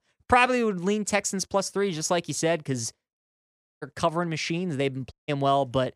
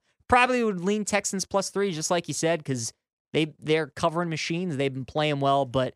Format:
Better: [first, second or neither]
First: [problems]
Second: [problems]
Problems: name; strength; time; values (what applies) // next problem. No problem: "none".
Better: second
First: audio cutting out; at 3 s for 0.5 s and at 5 s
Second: none